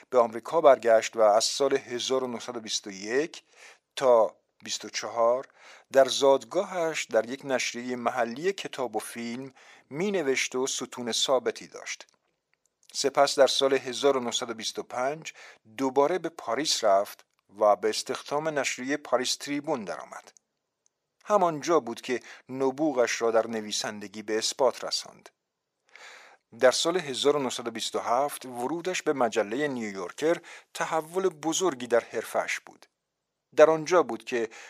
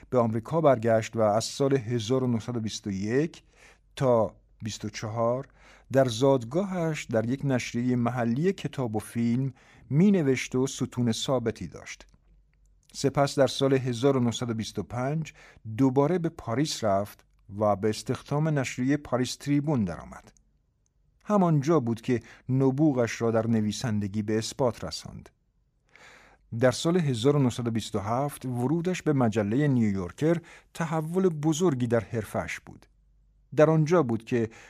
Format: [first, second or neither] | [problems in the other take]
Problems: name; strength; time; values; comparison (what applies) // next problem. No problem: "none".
second | thin; somewhat; fading below 550 Hz